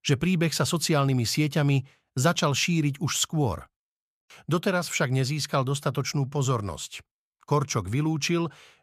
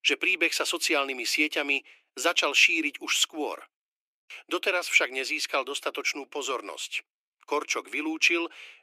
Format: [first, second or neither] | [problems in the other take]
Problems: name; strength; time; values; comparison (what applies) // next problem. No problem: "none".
first | thin; very; fading below 300 Hz